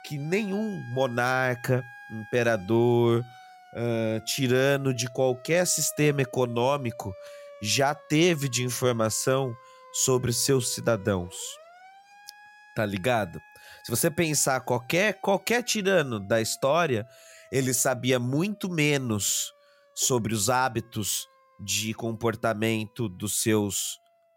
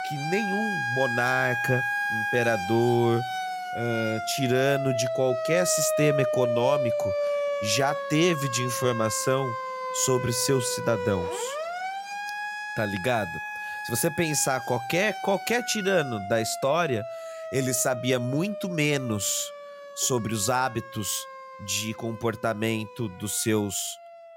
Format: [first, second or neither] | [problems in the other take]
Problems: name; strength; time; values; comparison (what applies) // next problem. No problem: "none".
first | alarms or sirens; loud; throughout; 4 dB below the speech; faint in the first